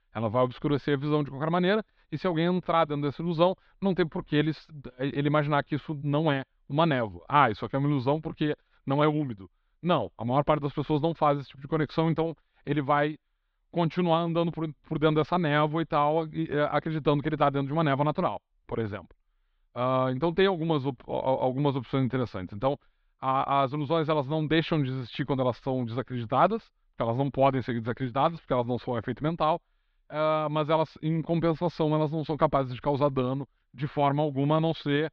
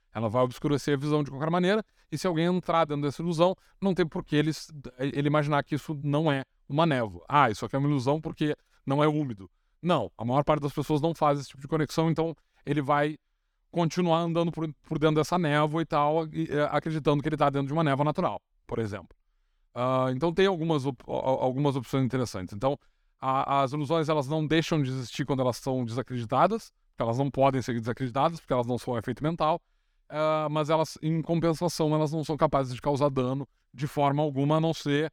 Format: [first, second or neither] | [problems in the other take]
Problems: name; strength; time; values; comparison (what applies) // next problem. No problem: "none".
second | muffled; slightly; fading above 4 kHz